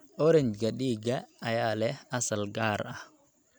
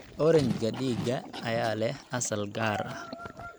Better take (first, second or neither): first